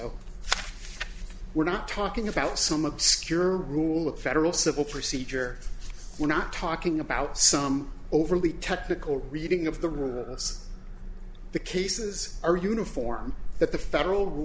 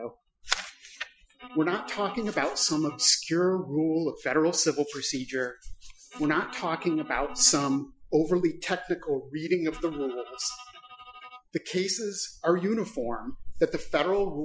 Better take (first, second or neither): first